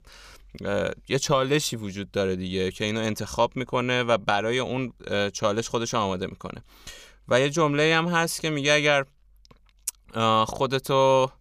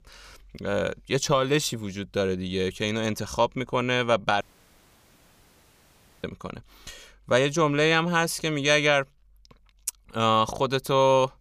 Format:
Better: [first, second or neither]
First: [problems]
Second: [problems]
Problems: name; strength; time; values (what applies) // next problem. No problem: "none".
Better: first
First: none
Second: audio cutting out; at 4.5 s for 2 s